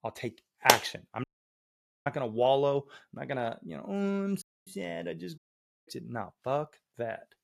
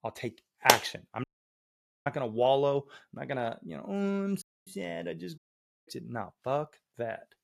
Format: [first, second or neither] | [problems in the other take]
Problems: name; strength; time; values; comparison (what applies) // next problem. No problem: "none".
neither | audio cutting out; at 1 s for 1 s, at 4.5 s and at 5.5 s; the same in both